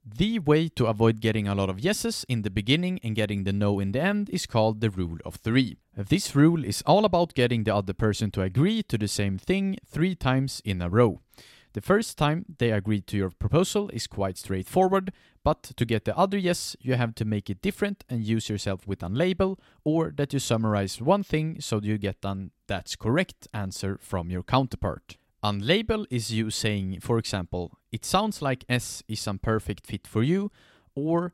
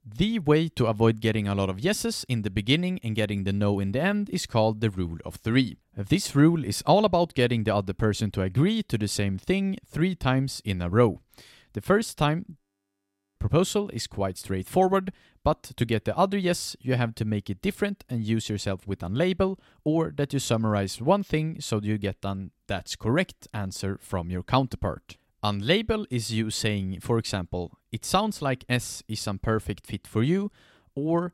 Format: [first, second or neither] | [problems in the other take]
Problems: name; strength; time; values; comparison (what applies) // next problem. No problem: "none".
first | audio freezing; at 13 s for 1 s